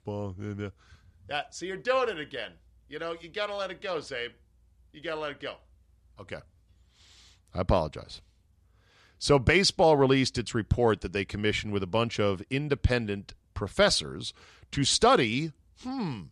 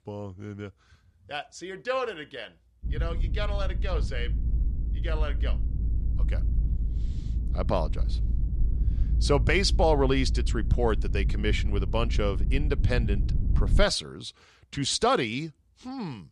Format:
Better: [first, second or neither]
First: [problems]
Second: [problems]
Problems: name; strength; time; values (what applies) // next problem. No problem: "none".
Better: first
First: none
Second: low rumble; noticeable; from 3 to 14 s; 15 dB below the speech